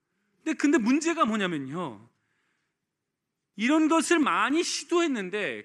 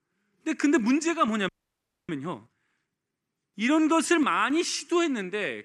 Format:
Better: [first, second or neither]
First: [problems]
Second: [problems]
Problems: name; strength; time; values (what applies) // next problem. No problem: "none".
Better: first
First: none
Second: audio freezing; at 1.5 s for 0.5 s